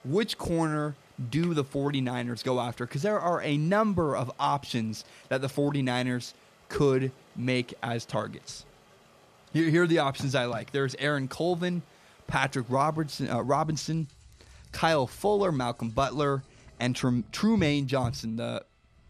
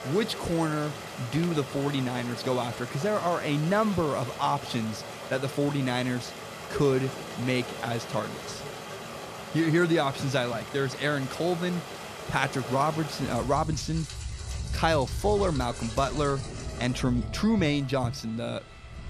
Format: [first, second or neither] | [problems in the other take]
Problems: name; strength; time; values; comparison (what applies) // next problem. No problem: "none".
first | rain or running water; loud; throughout; 9 dB below the speech; faint in the first